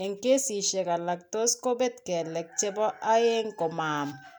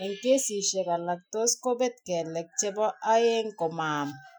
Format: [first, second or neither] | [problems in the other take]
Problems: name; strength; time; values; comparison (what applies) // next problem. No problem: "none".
first | noise reduction (classical method Wiener filter)